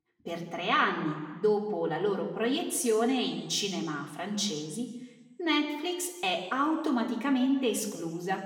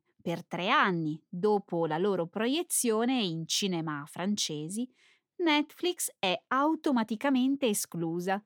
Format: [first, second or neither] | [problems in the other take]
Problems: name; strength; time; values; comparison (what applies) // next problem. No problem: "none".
second | room echo; slight; dies away in 1.1 s // off-mic speech; somewhat distant